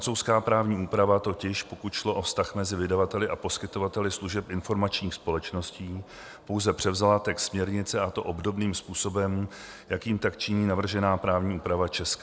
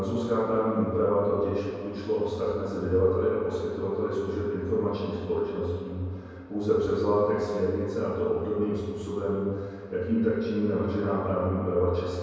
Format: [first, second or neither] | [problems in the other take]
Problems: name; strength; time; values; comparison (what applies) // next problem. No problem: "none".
first | room echo; dies away in 2.2 s